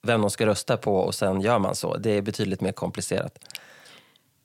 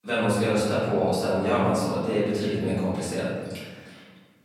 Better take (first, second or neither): first